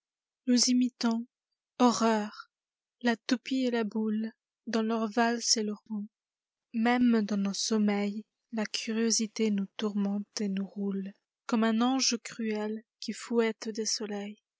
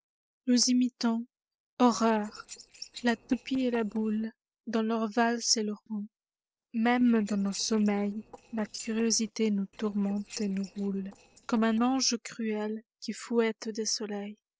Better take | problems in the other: first | noise reduction (neural separator model SepFormer DNS4)

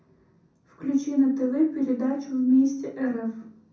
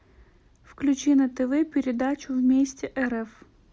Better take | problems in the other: second | room echo; dies away in 0.6 s

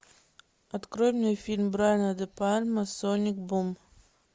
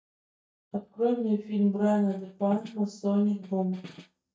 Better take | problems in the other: first | noise reduction (neural mask model DeepFilterNet 3)

